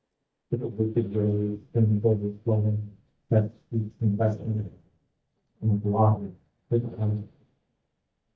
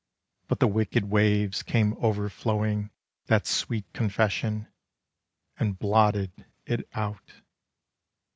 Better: second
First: noise reduction (neural mask model DeepFilterNet 3)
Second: none

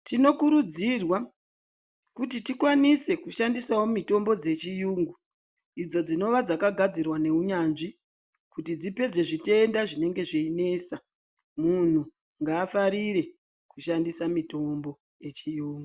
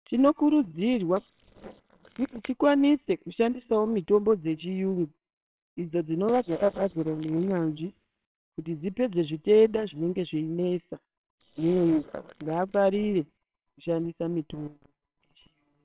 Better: first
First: none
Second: noise reduction (neural separator model SepFormer WHAMR!)

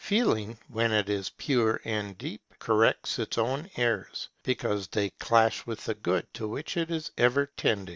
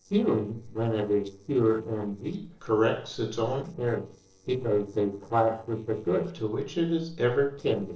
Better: first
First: none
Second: noise reduction (neural separator model SepFormer DNS4)

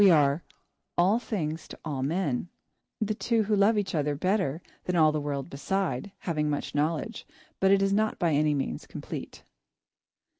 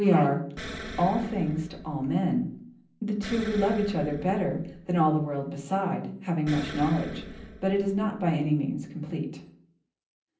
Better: first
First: none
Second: background sound (Explosion); 14 dB below the speech // room echo; dies away in 0.6 s

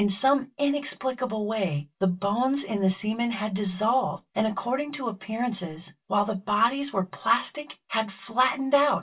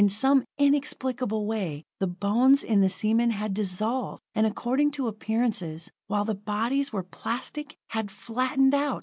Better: second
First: room echo; dies away in 0.1 s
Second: none

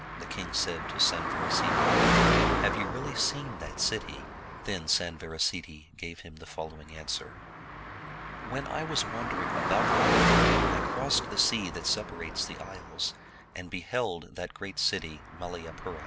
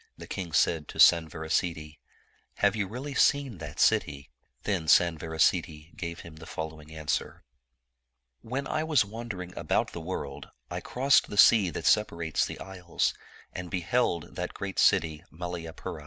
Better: second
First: background sound (Car passing by); 4 dB above the speech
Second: none

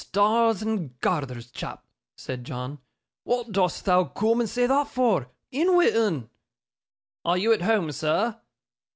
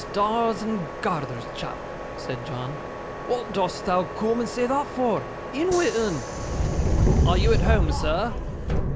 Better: first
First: none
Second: background sound (Subway, metro, underground); 1 dB above the speech

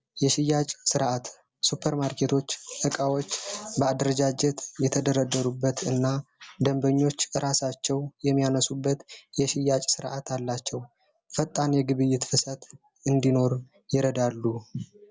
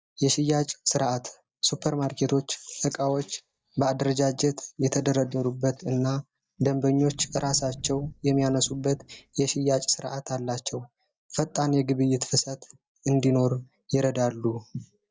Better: first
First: none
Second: noise reduction (neural mask model DeepFilterNet 3)

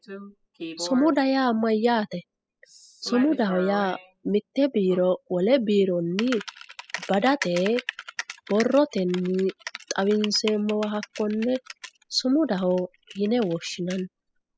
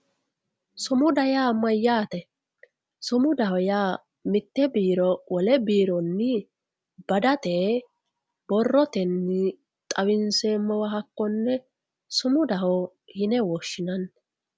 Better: second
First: noise reduction (classical method spectral subtraction)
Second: none

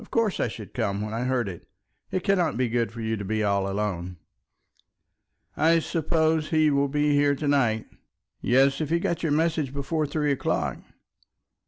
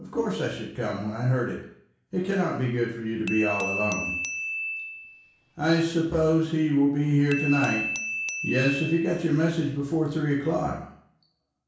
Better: first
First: none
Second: background sound (Glass / Bell); 8 dB below the speech // room echo; dies away in 0.6 s

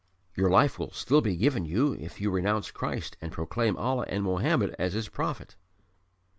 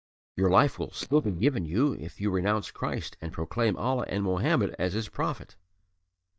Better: first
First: none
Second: noise reduction (neural mask model DeepFilterNet 3)

